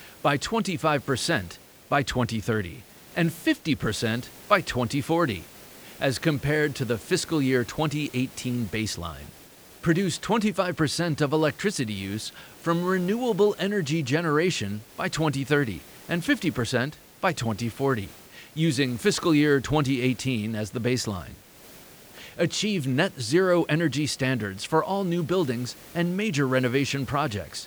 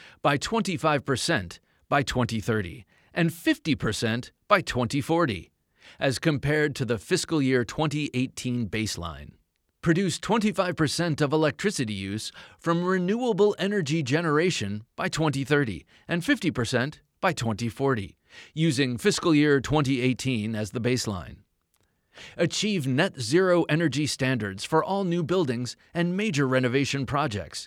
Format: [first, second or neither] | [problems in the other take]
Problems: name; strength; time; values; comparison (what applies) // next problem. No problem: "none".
second | hiss; faint; throughout; 20 dB below the speech